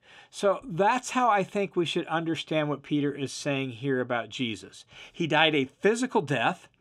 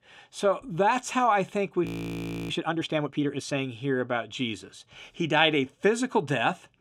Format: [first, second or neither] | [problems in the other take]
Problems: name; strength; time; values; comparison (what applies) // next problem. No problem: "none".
first | audio freezing; at 2 s for 0.5 s